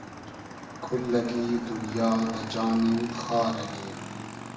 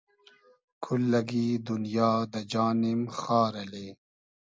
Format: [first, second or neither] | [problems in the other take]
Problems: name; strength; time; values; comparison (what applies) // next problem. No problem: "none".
second | background sound (Motorcycle / Engine); 10 dB below the speech // room echo; dies away in 0.9 s